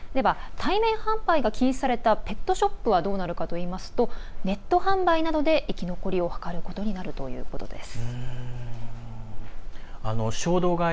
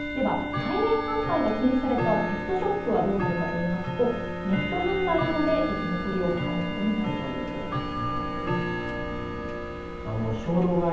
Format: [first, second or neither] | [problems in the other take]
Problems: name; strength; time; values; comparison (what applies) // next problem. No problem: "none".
first | background sound (Tick-tock / Bell); 3 dB below the speech // room echo; dies away in 0.8 s